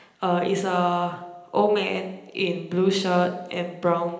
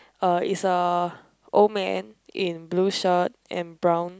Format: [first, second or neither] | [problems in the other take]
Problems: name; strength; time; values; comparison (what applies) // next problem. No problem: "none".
second | room echo; dies away in 0.9 s